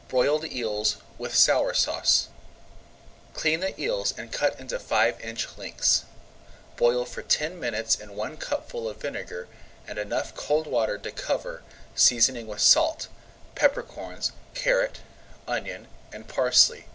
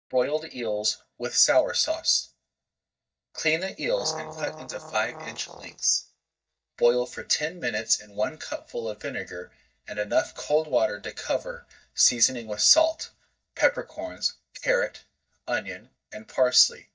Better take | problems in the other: first | noise reduction (neural mask model DeepFilterNet 3)

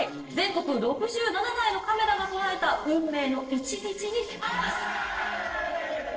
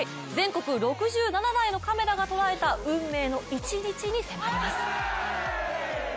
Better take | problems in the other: second | noise reduction (neural separator model SepFormer DNS4)

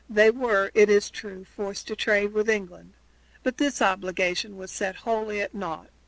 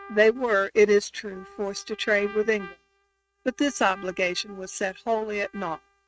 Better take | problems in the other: first | noise reduction (neural mask model RNNoise)

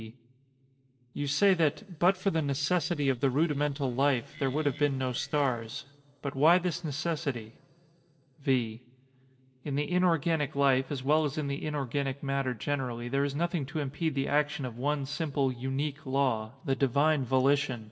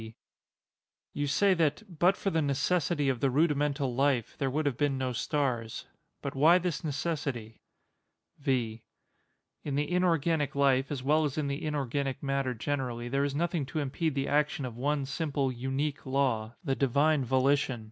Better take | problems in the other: second | noise reduction (neural separator model SepFormer DNS4)

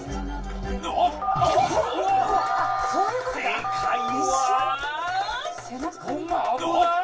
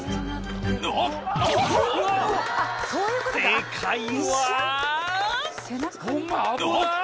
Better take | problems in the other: second | background sound (Telephone); 3 dB below the speech // room echo; dies away in 0.2 s

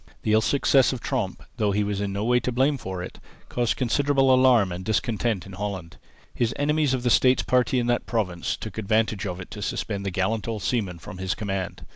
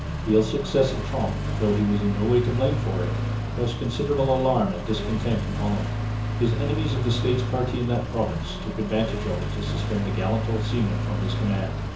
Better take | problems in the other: first | background sound (Accelerating, revving, vroom); 2 dB below the speech // room echo; dies away in 0.6 s

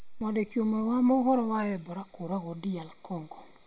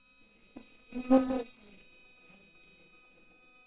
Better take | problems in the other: first | noise reduction (neural separator model SepFormer WHAMR!)

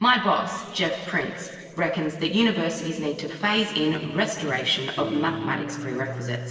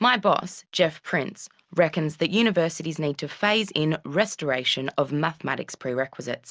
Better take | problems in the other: second | noise reduction (neural separator model SepFormer DNS4)

